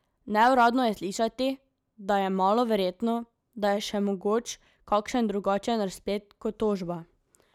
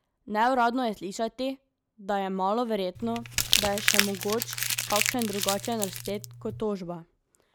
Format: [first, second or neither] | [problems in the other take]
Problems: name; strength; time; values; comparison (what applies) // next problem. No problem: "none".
first | background sound (Crumpling, crinkling); as loud as the speech